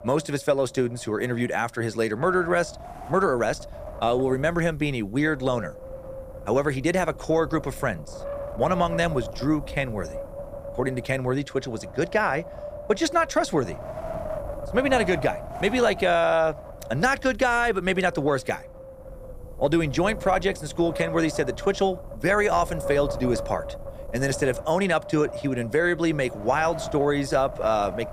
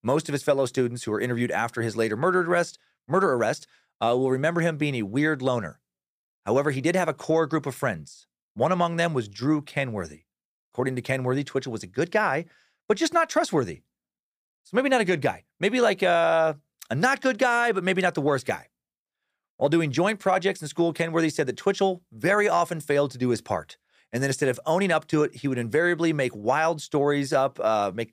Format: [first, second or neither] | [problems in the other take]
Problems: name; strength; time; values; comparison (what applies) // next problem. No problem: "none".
second | wind noise on the microphone; occasional gusts; 10 dB below the speech